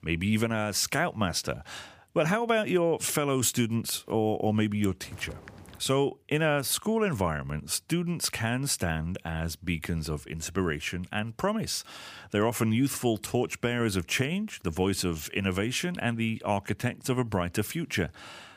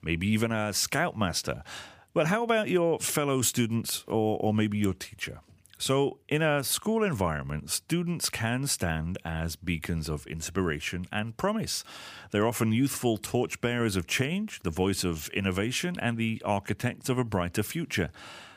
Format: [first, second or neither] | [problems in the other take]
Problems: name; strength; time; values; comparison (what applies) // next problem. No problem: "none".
second | footsteps; faint; at 5 s; peak 15 dB below the speech